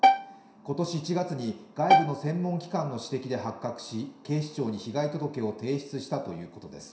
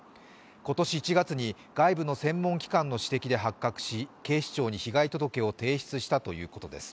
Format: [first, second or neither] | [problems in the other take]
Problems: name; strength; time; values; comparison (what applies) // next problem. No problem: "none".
second | background sound (Bowed string instrument); 5 dB above the speech // room echo; dies away in 0.7 s